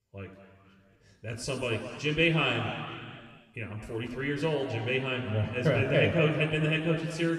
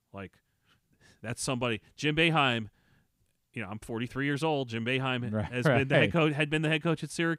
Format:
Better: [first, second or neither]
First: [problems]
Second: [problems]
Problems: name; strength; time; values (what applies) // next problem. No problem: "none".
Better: second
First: room echo; noticeable; dies away in 2.3 s // off-mic speech; somewhat distant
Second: none